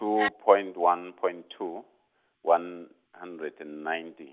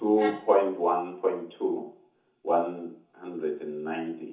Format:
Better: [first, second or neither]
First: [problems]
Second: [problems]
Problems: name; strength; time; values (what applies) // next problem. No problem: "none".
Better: first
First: none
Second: room echo; dies away in 0.6 s